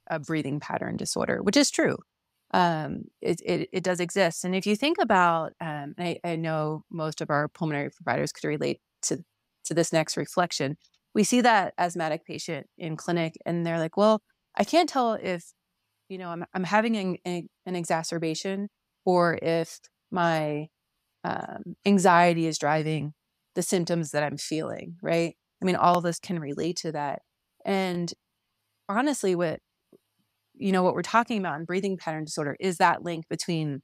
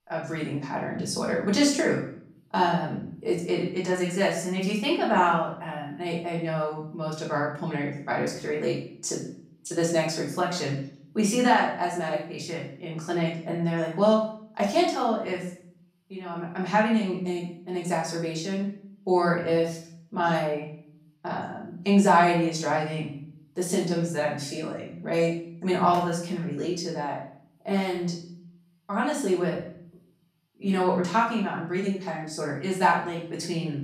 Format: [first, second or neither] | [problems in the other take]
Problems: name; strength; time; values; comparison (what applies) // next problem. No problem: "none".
first | off-mic speech; far // room echo; noticeable; dies away in 0.5 s